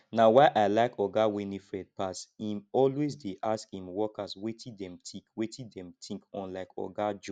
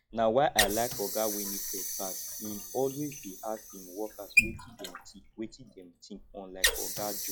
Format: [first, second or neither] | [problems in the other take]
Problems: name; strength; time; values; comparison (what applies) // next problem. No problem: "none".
first | noise reduction (classical method log-MMSE)